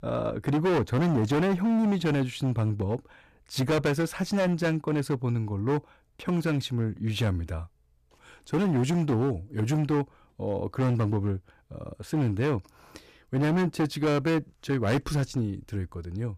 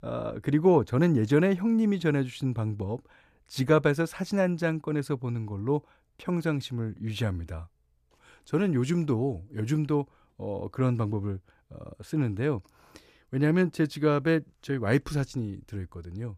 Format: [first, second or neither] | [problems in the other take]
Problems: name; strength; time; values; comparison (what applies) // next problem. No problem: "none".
second | distortion; heavy; 14% of the sound clipped